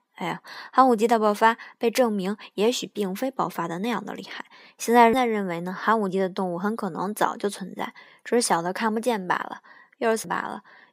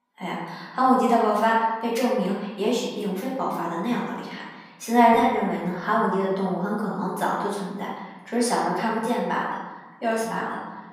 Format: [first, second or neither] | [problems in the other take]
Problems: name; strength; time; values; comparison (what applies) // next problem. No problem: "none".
first | room echo; noticeable; dies away in 1.2 s // off-mic speech; far